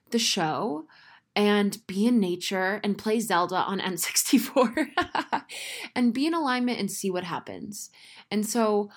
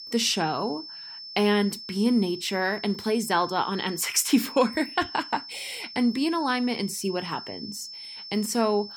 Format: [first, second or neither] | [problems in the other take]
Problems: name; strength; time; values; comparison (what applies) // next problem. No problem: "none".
first | high-pitched whine; noticeable; throughout; 5.5 kHz, 10 dB below the speech